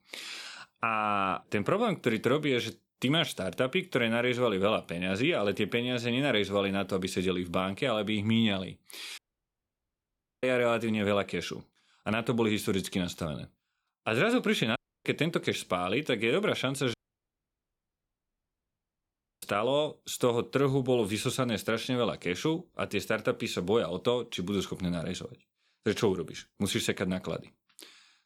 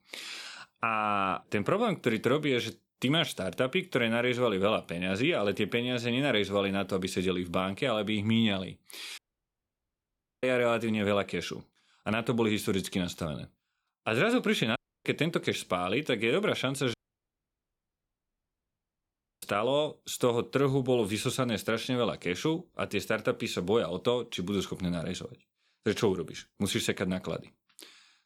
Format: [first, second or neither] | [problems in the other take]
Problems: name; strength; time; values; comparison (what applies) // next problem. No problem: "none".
neither | audio cutting out; at 9 s for 1.5 s, at 15 s and at 17 s for 2.5 s; the same in both